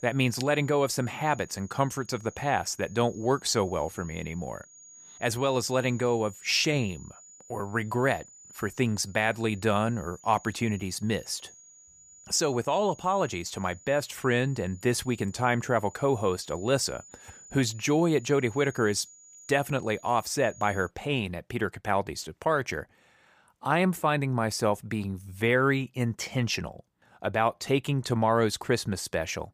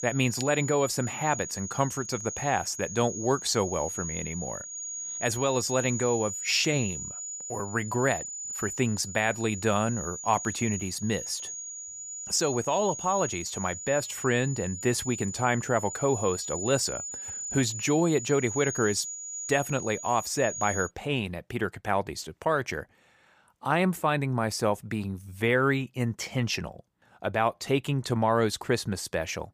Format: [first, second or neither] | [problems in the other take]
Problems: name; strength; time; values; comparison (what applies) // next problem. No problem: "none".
first | high-pitched whine; loud; until 21 s; 7 kHz, 7 dB below the speech; faint in the first